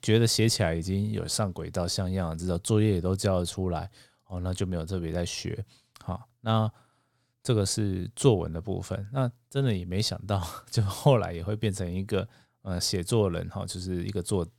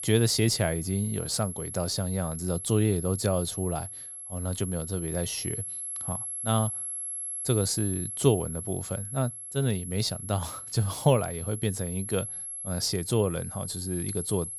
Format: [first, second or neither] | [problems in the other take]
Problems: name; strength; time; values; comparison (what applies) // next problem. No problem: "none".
first | high-pitched whine; loud; throughout; 11 kHz, 6 dB below the speech